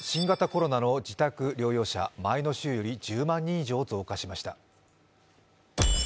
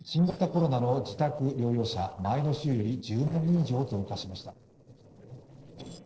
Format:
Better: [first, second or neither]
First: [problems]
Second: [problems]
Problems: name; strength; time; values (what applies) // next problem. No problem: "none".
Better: first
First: none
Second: noise reduction (neural separator model SepFormer DNS4)